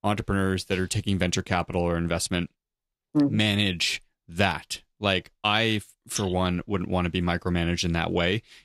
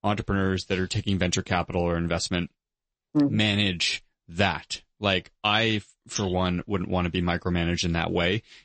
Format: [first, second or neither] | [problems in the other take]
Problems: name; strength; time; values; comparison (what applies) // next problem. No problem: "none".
first | garbled, watery; slightly; nothing above 8 kHz